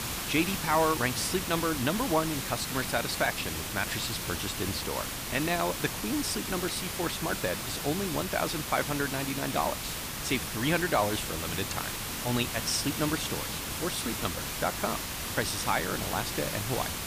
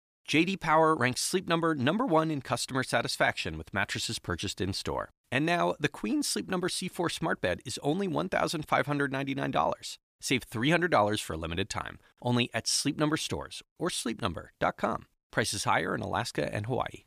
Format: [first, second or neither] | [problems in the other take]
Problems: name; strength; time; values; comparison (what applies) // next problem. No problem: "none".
second | hiss; loud; throughout; 2 dB below the speech